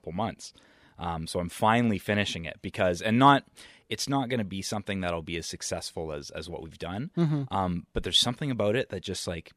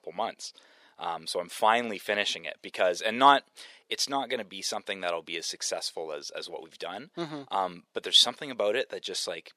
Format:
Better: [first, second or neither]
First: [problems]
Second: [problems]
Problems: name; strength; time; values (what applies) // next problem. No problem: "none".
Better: first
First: none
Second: thin; somewhat; fading below 500 Hz